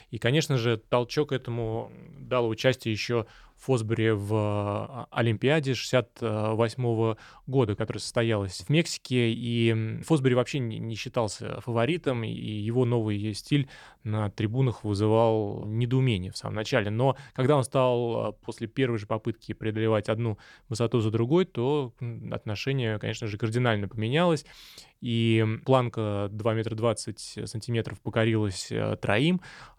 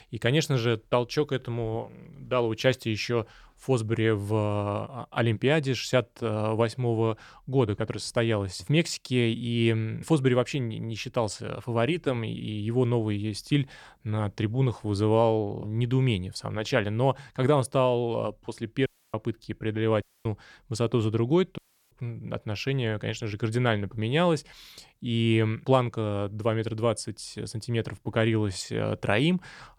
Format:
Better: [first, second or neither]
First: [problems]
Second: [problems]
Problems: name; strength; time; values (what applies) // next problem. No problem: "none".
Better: first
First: none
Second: audio cutting out; at 19 s, at 20 s and at 22 s